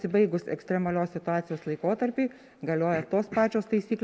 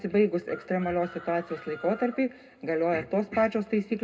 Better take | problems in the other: first | background sound (Chicken, rooster); 19 dB below the speech // room echo; dies away in 0.2 s

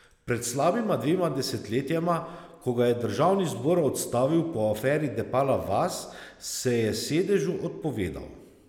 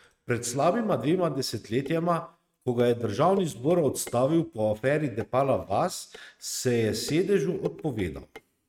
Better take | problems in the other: first | noise reduction (neural mask model RNNoise)

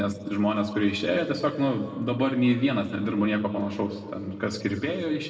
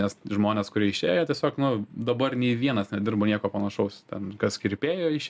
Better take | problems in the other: second | room echo; dies away in 1.7 s

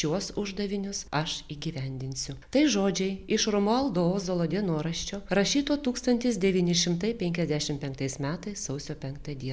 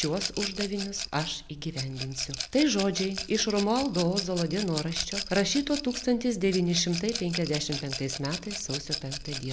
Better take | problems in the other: first | background sound (Rattle / Glass); 8 dB below the speech

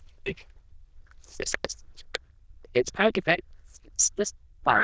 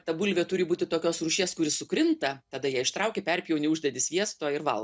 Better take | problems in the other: second | noise reduction (neural diffusion model UNIVERSE++)

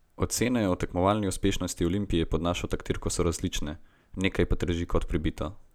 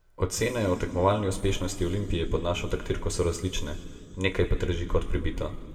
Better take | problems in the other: first | room echo; dies away in 1.6 s

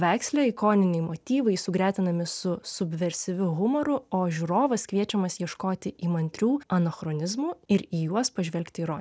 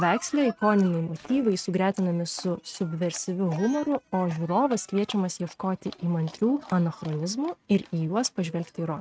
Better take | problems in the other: first | noise reduction (neural mask model RNNoise)

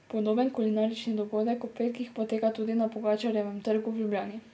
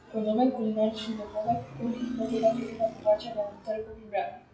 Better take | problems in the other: first | noise reduction (classical method WPE with log-MMSE)

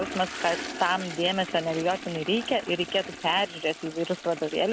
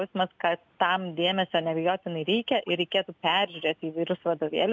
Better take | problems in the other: second | background sound (Toilet flush); 11 dB below the speech

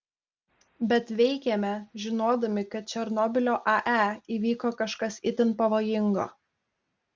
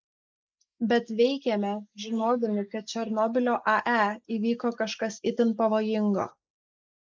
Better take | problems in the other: first | noise reduction (neural mask model Resemble Enhance denoiser)

